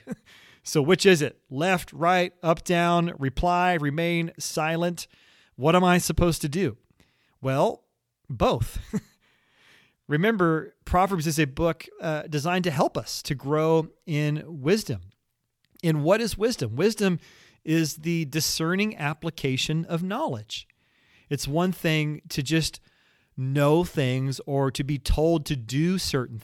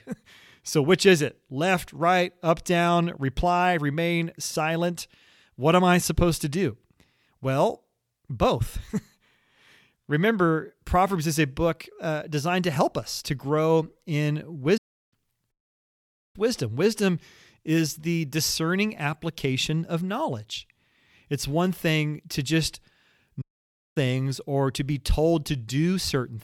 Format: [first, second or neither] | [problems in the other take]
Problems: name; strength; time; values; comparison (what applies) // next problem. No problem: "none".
first | audio cutting out; at 15 s, at 16 s for 1 s and at 23 s for 0.5 s